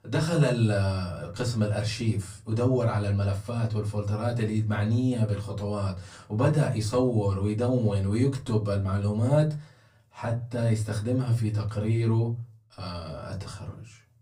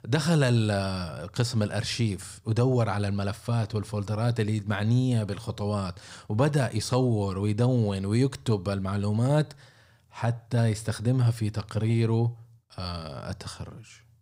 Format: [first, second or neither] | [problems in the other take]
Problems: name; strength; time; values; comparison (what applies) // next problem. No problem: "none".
second | off-mic speech; far // room echo; very slight; dies away in 0.2 s